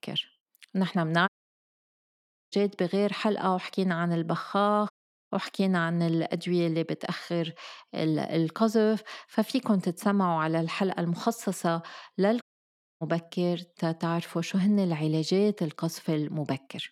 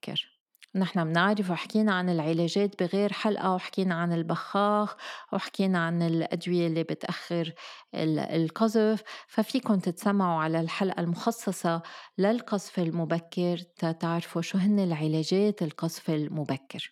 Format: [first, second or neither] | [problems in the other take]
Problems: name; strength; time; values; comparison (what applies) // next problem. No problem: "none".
second | audio cutting out; at 1.5 s for 1 s, at 5 s and at 12 s for 0.5 s